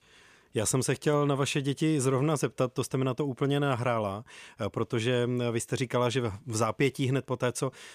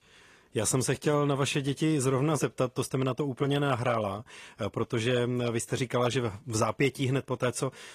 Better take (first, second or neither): first